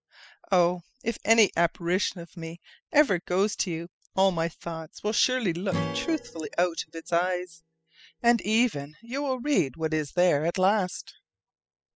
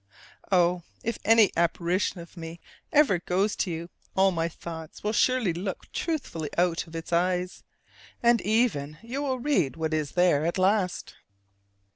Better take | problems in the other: second | noise reduction (classical method spectral subtraction)

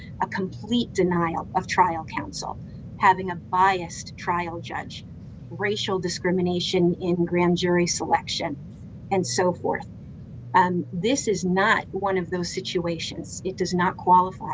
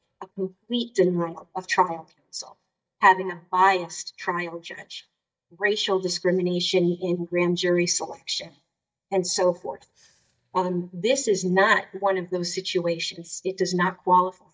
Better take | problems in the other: first | noise reduction (neural mask model DeepFilterNet 3)

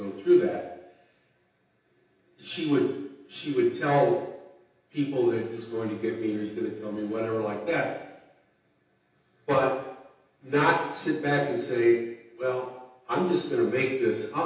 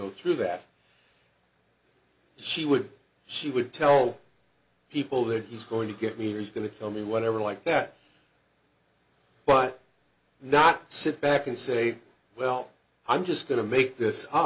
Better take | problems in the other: second | room echo; dies away in 0.9 s

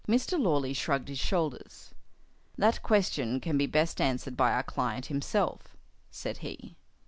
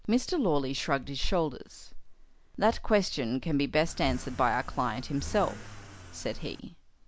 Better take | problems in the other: first | background sound (Accelerating, revving, vroom / Car); 14 dB below the speech

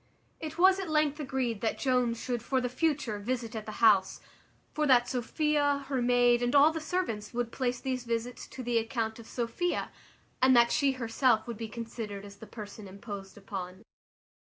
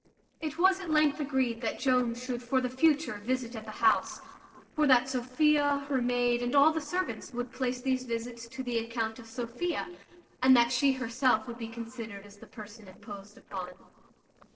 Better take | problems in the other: first | noise reduction (neural separator model SepFormer DNS4)

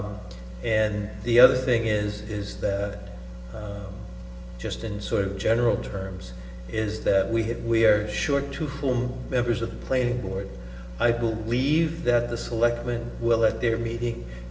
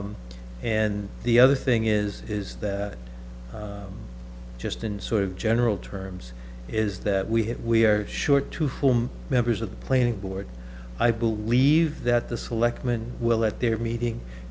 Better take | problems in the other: second | room echo; dies away in 1 s

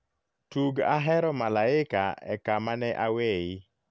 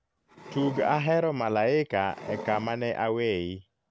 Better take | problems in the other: first | background sound (Wood); 14 dB below the speech

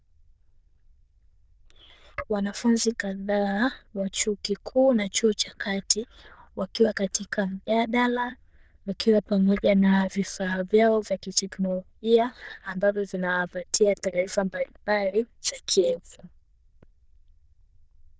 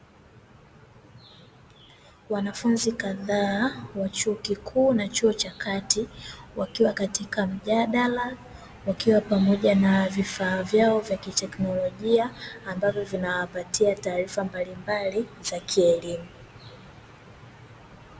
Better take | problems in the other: second | noise reduction (neural diffusion model UNIVERSE++)

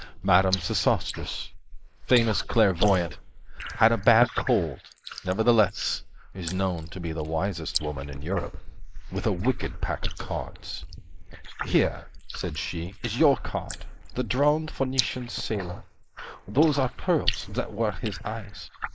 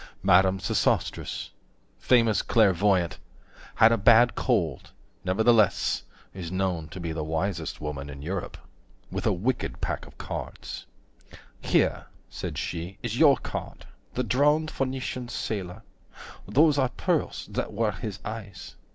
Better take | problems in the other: second | noise reduction (neural mask model Resemble Enhance denoiser)

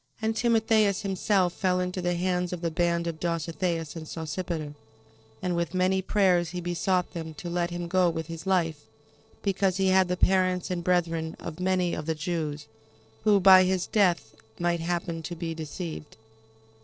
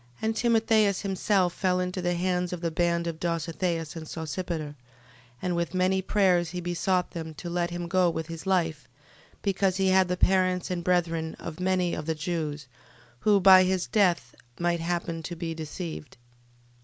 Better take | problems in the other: second | noise reduction (neural separator model SepFormer DNS4)

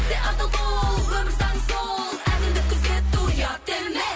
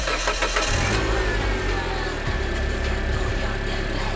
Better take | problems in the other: first | background sound (Engine); 4 dB above the speech

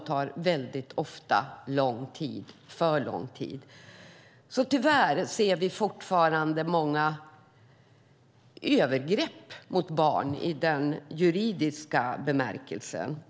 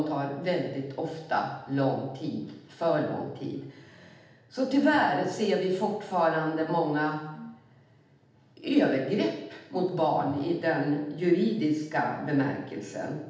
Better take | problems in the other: first | background sound (Brass instrument); 20 dB below the speech // room echo; dies away in 0.8 s

